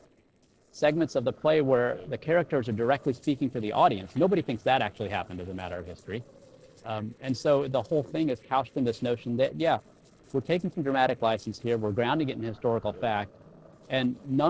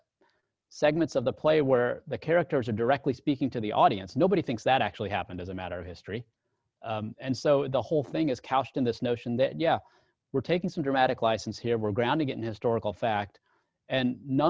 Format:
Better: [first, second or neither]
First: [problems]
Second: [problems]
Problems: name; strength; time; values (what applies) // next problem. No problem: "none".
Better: second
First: noise reduction (neural separator model SepFormer DNS4)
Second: none